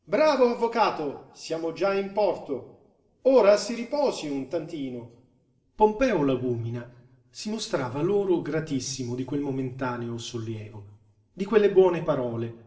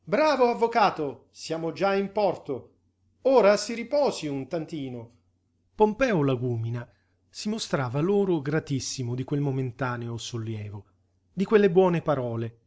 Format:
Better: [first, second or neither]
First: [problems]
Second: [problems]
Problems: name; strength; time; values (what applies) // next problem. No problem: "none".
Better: second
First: room echo; dies away in 0.8 s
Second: none